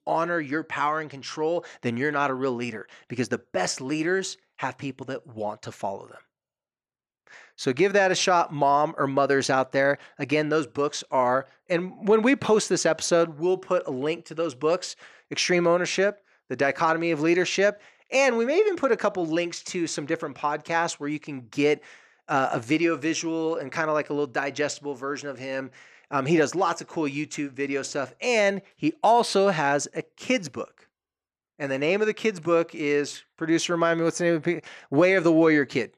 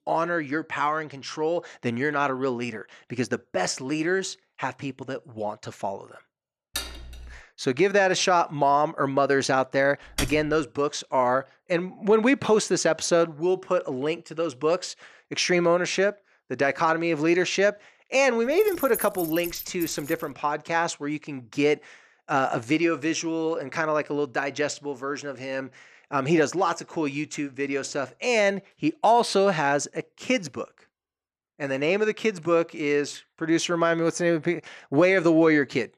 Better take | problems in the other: first | clattering dishes; noticeable; at 7 s; peak 8 dB below the speech // keyboard typing; noticeable; at 10 s; peak 6 dB below the speech // jangling keys; noticeable; from 19 to 20 s; peak 7 dB below the speech

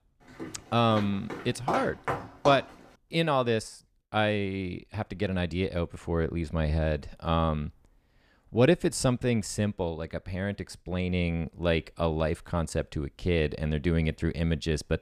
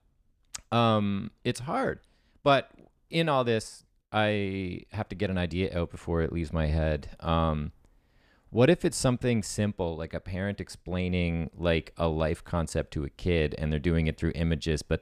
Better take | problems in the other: second | footsteps; noticeable; until 2.5 s; peak 4 dB below the speech

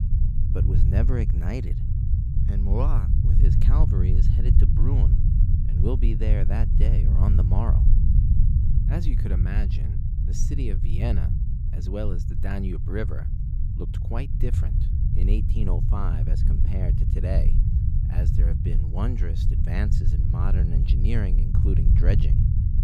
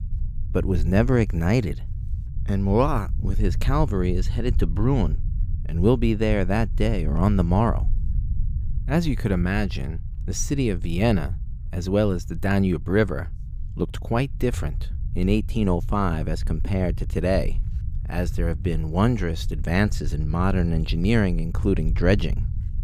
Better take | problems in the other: second | low rumble; loud; throughout; 2 dB below the speech; faint in the second

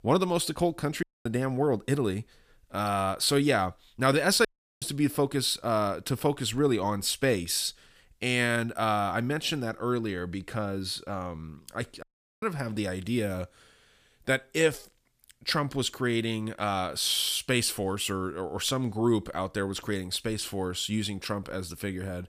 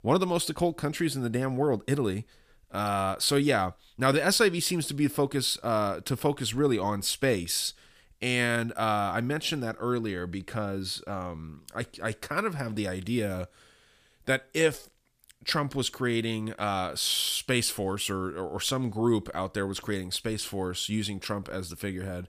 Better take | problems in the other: second | audio cutting out; at 1 s, at 4.5 s and at 12 s

